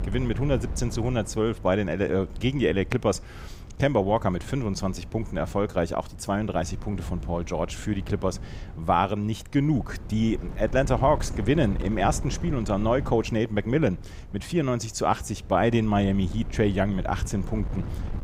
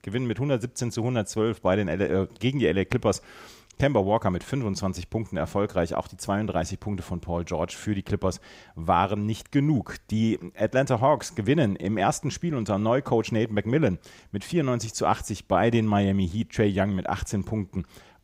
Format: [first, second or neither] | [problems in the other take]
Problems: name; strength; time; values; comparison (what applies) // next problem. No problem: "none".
second | wind noise on the microphone; occasional gusts; 20 dB below the speech